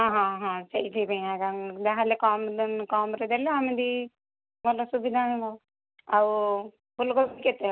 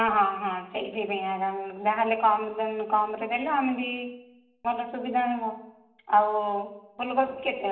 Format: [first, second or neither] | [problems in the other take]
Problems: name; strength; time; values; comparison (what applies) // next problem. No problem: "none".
first | room echo; dies away in 0.7 s